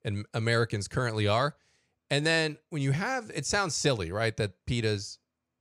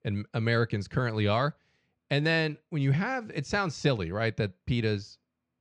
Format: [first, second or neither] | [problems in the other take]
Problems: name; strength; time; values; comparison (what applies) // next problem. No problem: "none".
first | muffled; very slightly; fading above 3.5 kHz